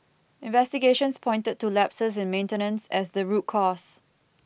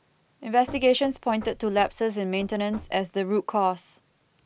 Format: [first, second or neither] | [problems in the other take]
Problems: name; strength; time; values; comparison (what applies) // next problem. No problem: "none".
first | background sound (Knock / Wood); 20 dB below the speech